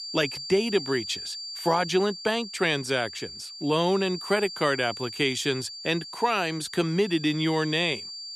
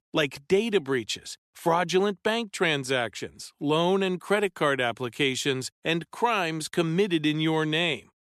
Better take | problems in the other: second | high-pitched whine; loud; throughout; 4.5 kHz, 10 dB below the speech

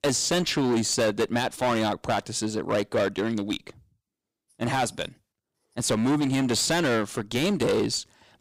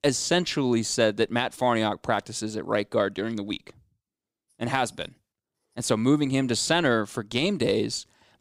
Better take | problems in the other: second | distortion; heavy; 12% of the sound clipped

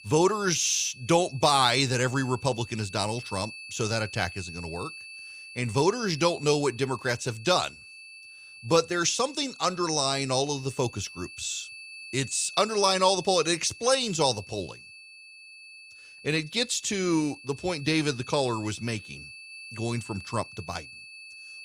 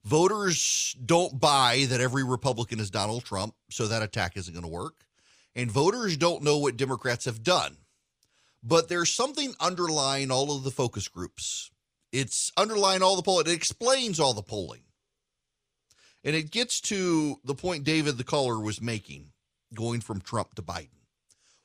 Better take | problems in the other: second | high-pitched whine; noticeable; throughout; 2.5 kHz, 15 dB below the speech

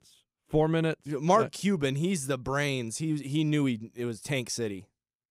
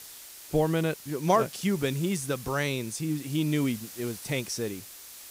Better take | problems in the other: first | hiss; noticeable; throughout; 15 dB below the speech

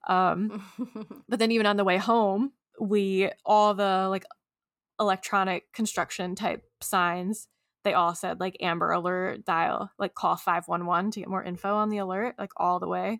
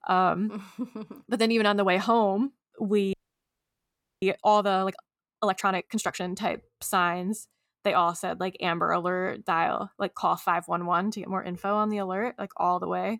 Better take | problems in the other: first | audio freezing; at 3 s for 1 s

